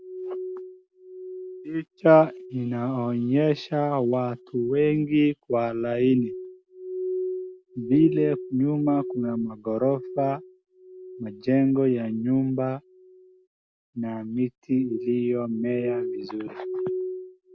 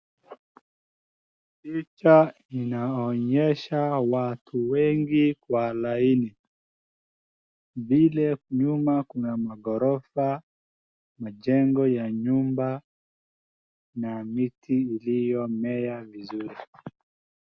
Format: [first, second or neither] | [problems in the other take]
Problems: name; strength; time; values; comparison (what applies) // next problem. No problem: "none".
second | background sound (Glass); 11 dB below the speech